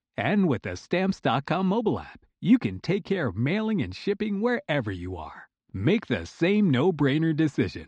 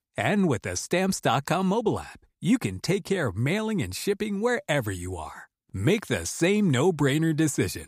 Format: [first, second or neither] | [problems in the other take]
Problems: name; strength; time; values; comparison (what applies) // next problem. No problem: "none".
second | muffled; slightly; fading above 4.5 kHz